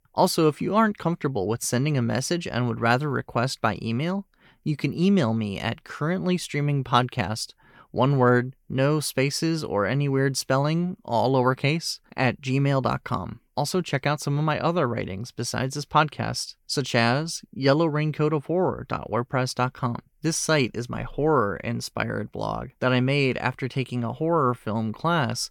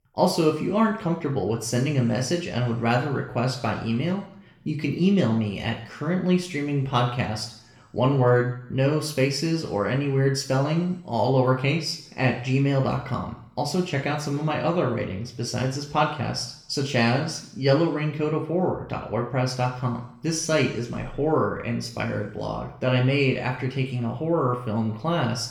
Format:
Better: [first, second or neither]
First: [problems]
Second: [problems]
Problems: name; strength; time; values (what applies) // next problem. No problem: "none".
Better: first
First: none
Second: room echo; slight; dies away in 0.7 s // off-mic speech; somewhat distant